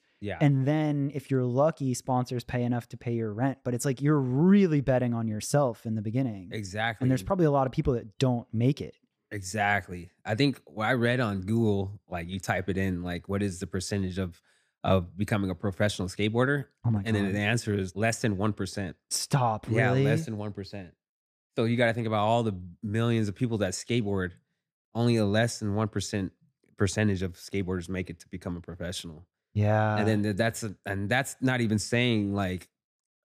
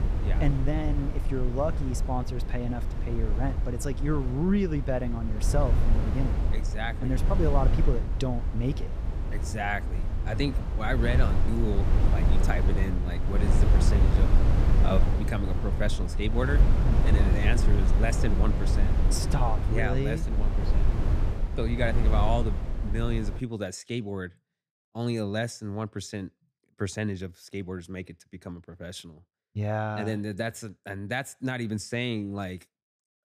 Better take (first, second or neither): first